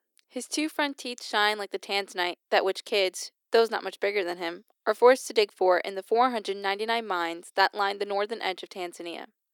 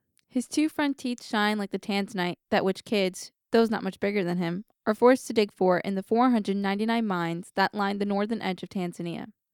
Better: second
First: thin; very; fading below 350 Hz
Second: none

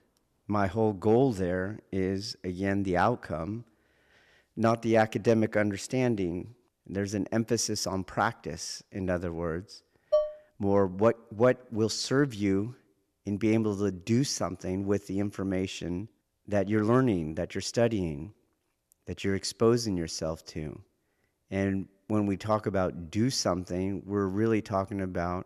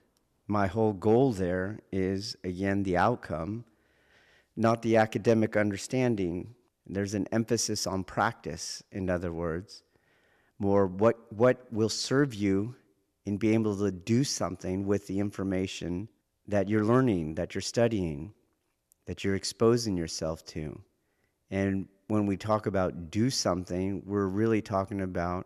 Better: second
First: clattering dishes; loud; at 10 s; peak 1 dB above the speech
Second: none

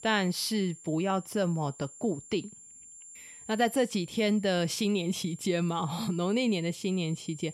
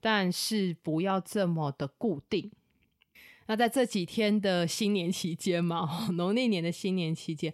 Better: second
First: high-pitched whine; noticeable; throughout; 7.5 kHz, 20 dB below the speech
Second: none

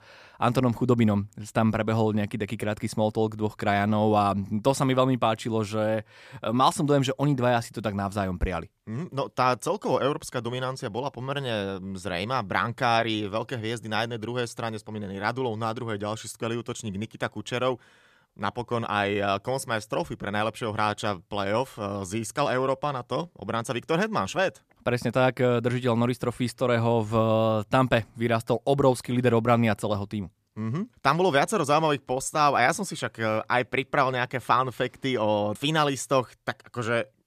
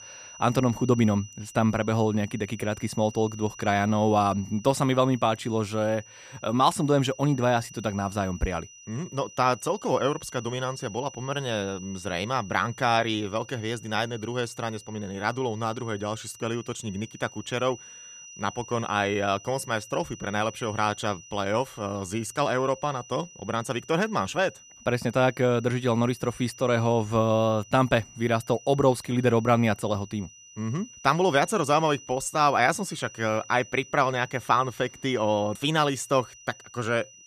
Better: first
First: none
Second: high-pitched whine; noticeable; throughout; 6 kHz, 20 dB below the speech

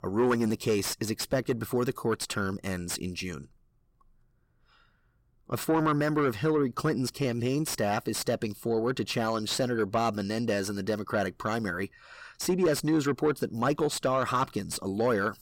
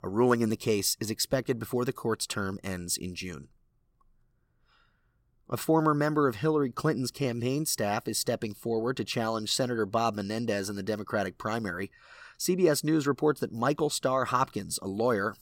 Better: second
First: distortion; slight; 10 dB below the speech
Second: none

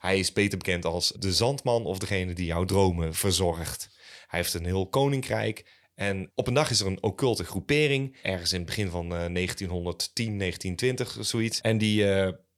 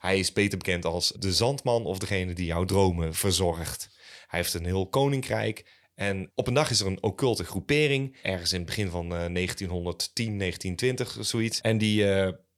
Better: neither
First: none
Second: none

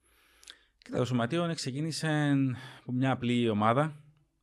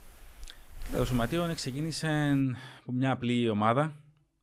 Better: first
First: none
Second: wind noise on the microphone; occasional gusts; until 2.5 s; 20 dB below the speech

